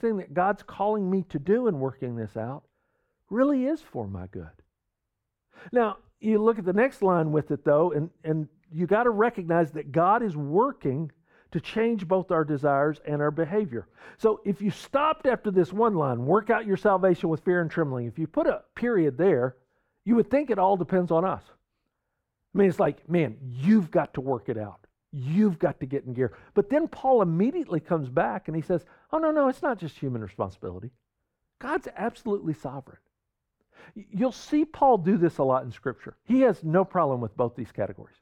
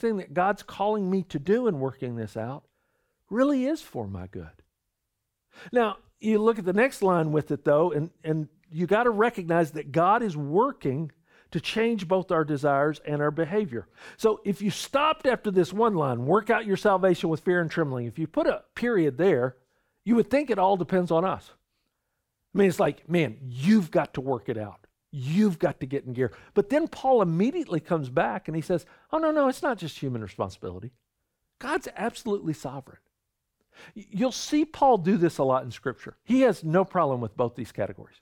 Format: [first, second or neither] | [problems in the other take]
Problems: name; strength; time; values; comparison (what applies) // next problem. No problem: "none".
second | muffled; slightly; fading above 2.5 kHz